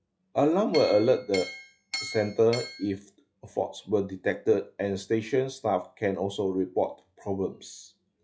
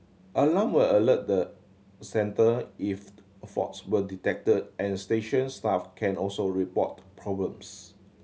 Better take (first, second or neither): second